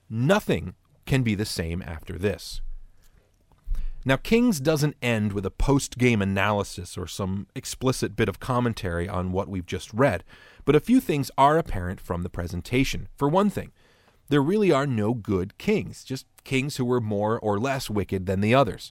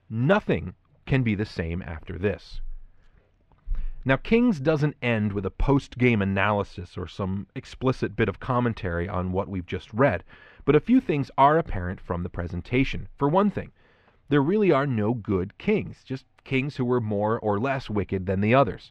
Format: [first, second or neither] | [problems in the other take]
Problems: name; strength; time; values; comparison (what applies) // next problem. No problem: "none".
first | muffled; slightly; fading above 2.5 kHz